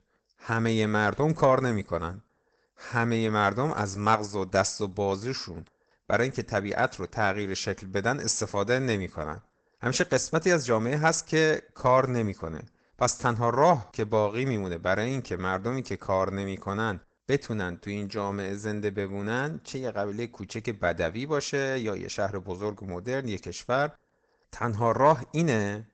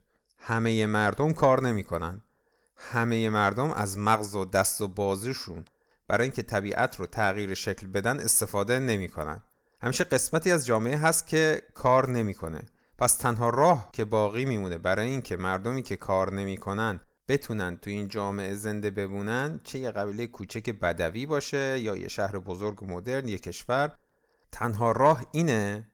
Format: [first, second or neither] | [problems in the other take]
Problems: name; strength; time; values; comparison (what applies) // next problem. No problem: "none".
second | garbled, watery; badly; nothing above 8 kHz; slightly in the second